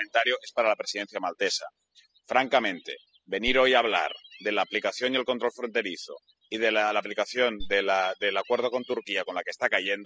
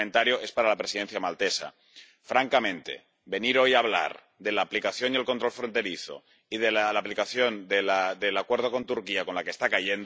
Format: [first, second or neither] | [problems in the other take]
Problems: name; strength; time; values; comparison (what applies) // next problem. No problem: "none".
second | noise reduction (classical method spectral subtraction)